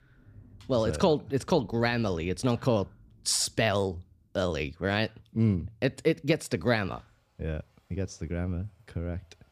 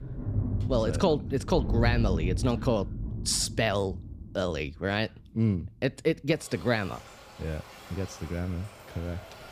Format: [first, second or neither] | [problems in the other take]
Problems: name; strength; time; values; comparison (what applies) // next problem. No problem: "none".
first | rain or running water; loud; throughout; 4 dB below the speech; faint in the first